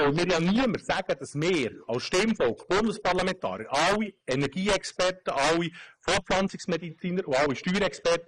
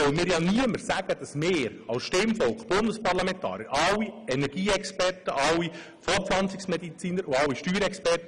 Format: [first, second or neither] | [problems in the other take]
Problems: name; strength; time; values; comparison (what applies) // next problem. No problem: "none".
second | noise reduction (neural mask model Resemble Enhance denoiser)